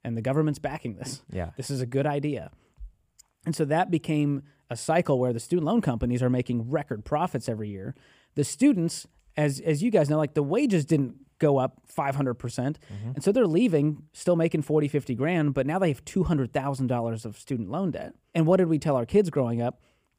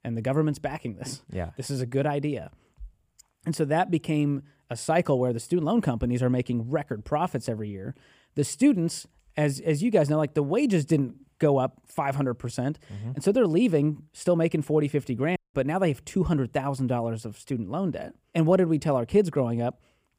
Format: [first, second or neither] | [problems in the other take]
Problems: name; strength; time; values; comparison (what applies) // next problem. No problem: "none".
first | audio cutting out; at 15 s